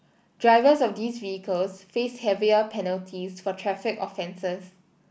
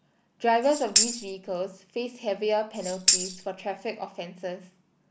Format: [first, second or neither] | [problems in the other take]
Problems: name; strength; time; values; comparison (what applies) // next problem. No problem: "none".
first | background sound (Tambourine); 3 dB above the speech